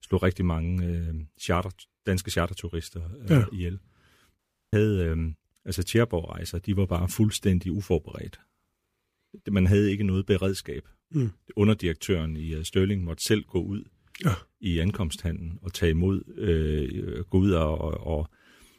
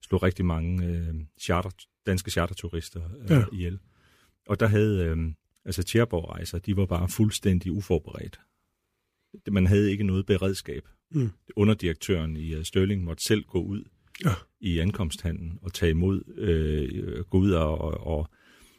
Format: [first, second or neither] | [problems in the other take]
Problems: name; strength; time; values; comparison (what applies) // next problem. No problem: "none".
second | audio cutting out; at 4.5 s